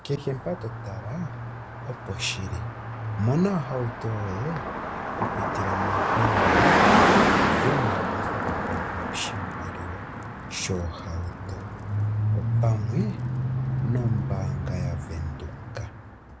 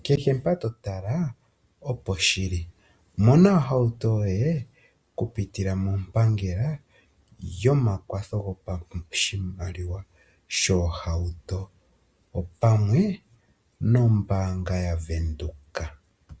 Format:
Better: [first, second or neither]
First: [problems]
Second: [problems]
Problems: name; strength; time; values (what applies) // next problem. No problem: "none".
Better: second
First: background sound (Car passing by); 5 dB above the speech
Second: none